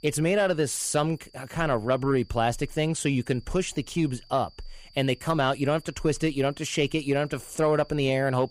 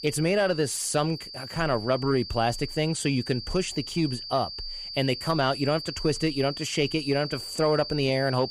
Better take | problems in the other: first | high-pitched whine; loud; throughout; 4.5 kHz, 9 dB below the speech; faint in the first

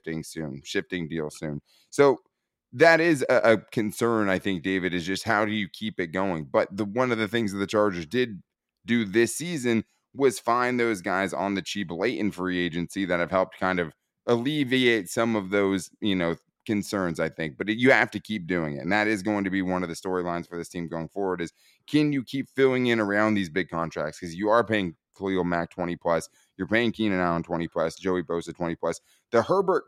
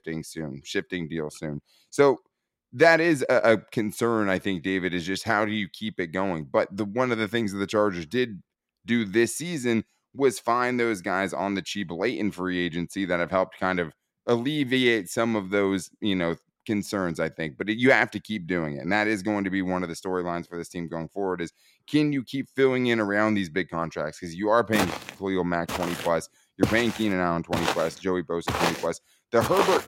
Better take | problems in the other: first | footsteps; loud; from 25 s on; peak 1 dB above the speech

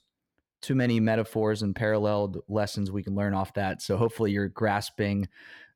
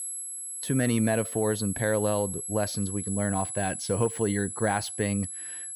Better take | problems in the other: first | high-pitched whine; loud; throughout; 11 kHz, 5 dB below the speech

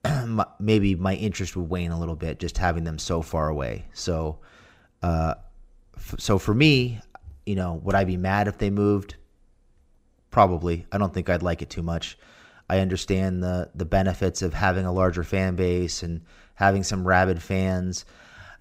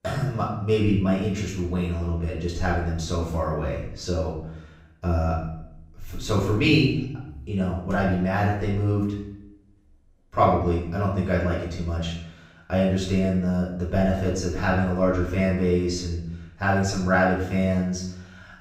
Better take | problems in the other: first | off-mic speech; far // room echo; noticeable; dies away in 0.7 s

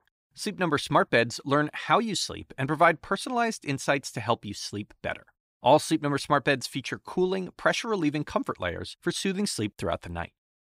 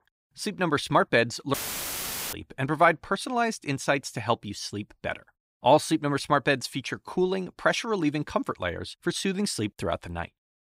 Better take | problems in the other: first | audio cutting out; filled with static; at 1.5 s for 1 s

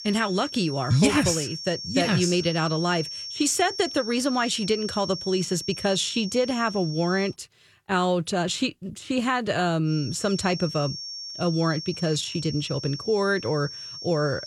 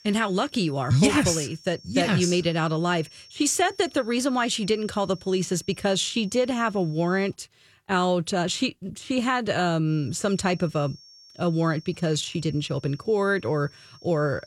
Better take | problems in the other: second | high-pitched whine; loud; until 7.5 s and from 10 s on; 5.5 kHz, 9 dB below the speech; faint in the second

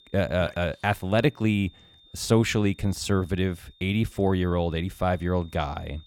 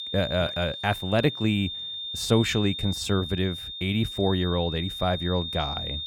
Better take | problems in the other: first | high-pitched whine; loud; throughout; 3.5 kHz, 6 dB below the speech; faint in the first

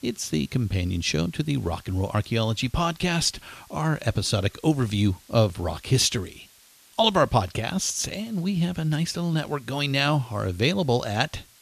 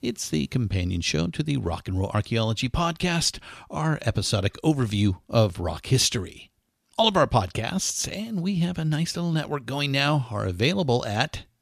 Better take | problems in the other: second | hiss; faint; throughout; 25 dB below the speech

